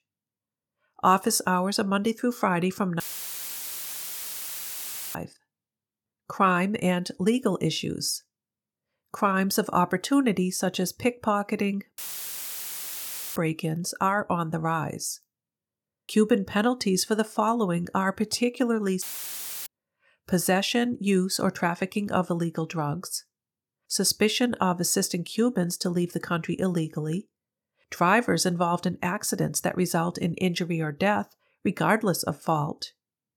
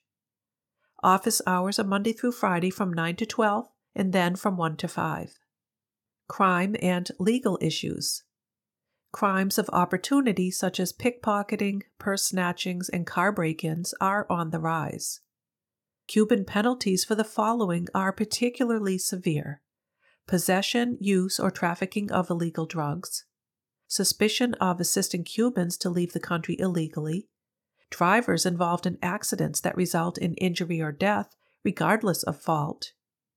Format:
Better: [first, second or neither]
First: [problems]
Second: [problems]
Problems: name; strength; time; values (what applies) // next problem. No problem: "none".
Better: second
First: audio cutting out; filled with static; at 3 s for 2 s, at 12 s for 1.5 s and at 19 s for 0.5 s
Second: none